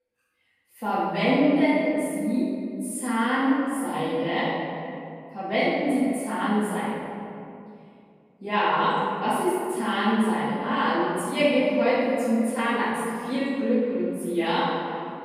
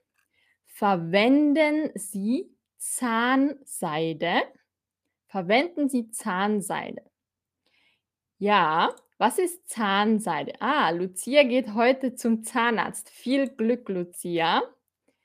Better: second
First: off-mic speech; far // room echo; strong; dies away in 2.4 s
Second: none

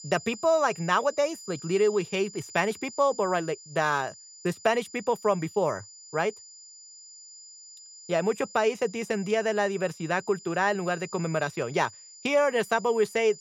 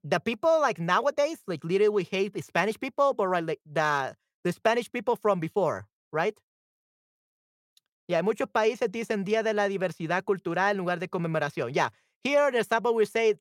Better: second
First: high-pitched whine; noticeable; throughout; 7 kHz, 15 dB below the speech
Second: none

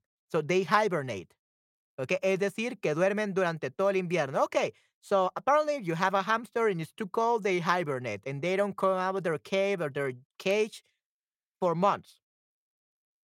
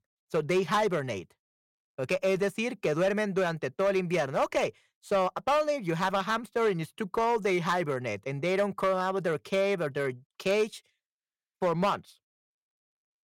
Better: first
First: none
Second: distortion; slight; 4% of the sound clipped

